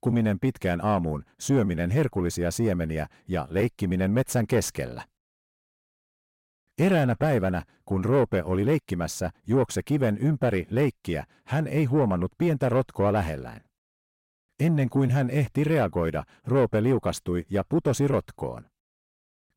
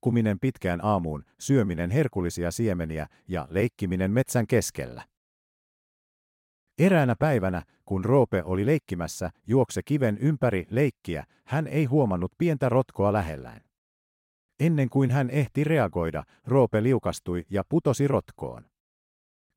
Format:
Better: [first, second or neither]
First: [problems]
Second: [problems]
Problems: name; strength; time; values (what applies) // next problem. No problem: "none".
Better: second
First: distortion; slight; 10 dB below the speech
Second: none